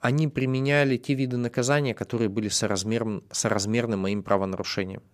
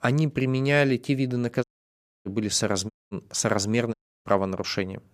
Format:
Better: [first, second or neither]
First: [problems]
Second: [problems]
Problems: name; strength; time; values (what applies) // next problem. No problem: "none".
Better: first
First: none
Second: audio cutting out; at 1.5 s for 0.5 s, at 3 s and at 4 s